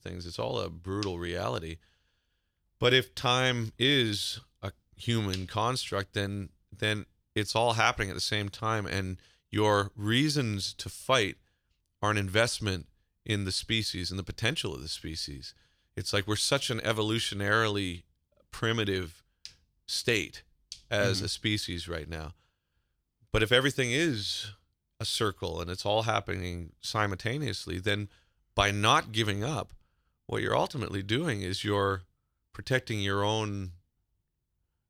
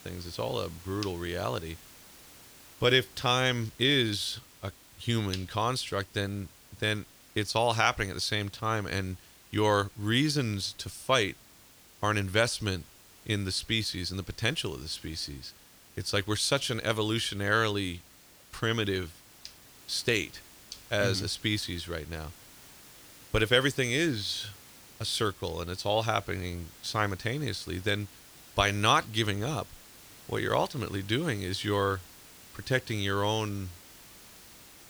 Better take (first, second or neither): first